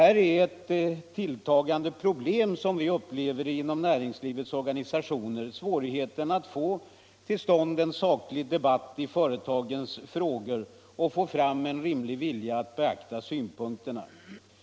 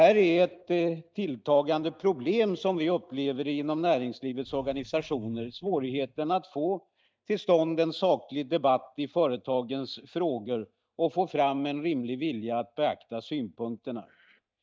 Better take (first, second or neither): first